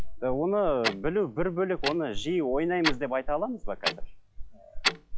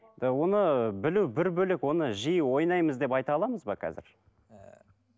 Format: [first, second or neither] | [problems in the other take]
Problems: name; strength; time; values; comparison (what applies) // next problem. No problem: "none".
second | noise reduction (classical method log-MMSE)